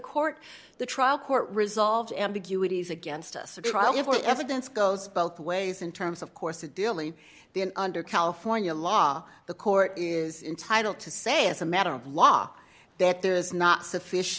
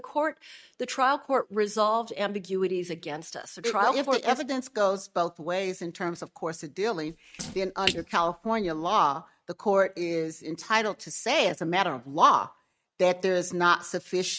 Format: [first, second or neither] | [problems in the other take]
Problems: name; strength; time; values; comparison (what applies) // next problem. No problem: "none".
first | noise reduction (neural mask model RNNoise)